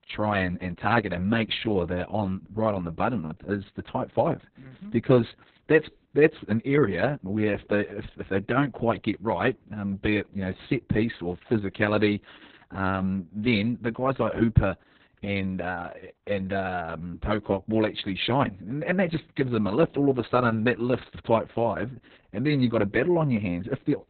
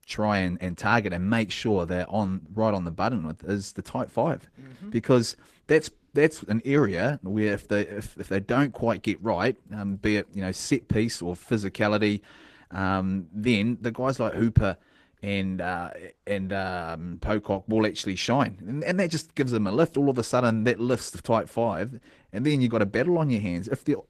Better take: second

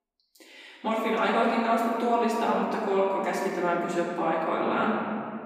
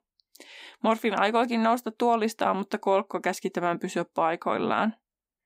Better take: second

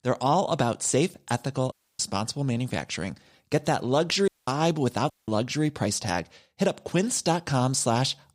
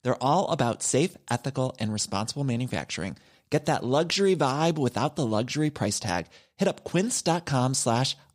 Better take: second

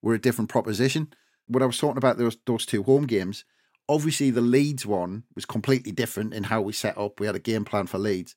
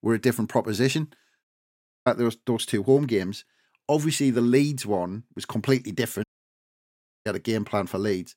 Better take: first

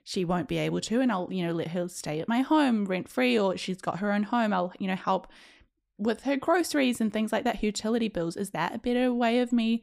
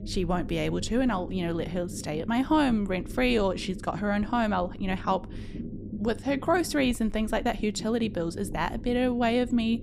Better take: first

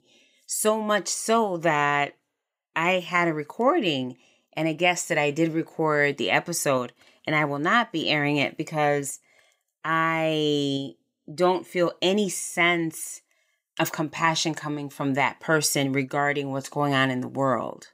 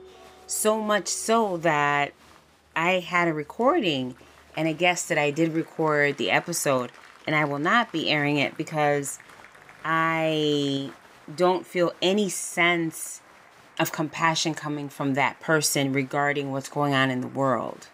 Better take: first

